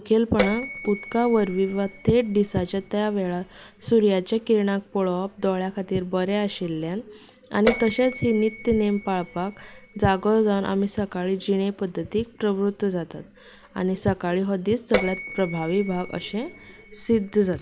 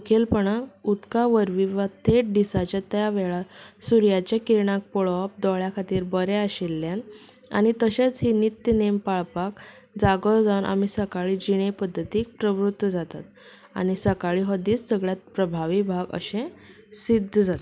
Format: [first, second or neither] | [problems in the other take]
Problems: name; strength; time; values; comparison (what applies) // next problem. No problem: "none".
second | background sound (Bell); 13 dB below the speech